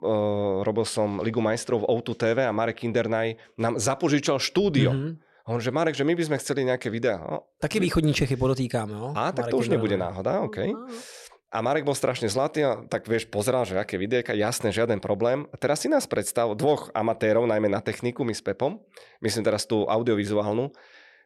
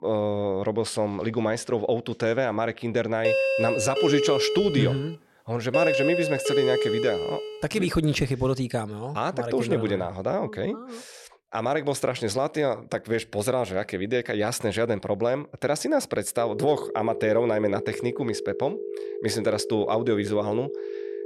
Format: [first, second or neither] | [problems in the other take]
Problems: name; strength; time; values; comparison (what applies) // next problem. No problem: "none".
first | doorbell; loud; from 3 to 7.5 s; peak 4 dB above the speech // phone ringing; noticeable; from 16 s on; peak 7 dB below the speech